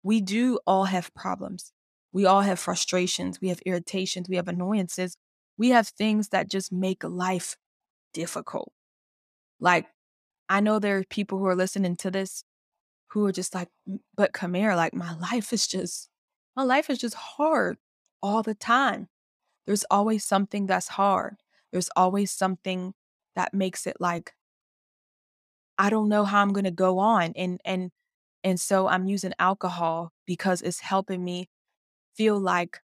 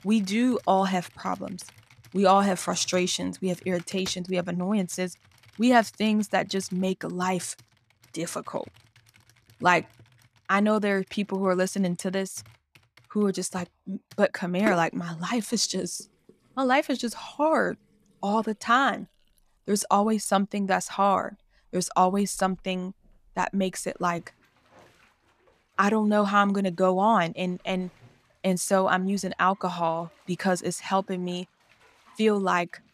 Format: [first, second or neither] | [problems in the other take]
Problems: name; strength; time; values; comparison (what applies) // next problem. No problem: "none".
first | household noises; faint; throughout; 20 dB below the speech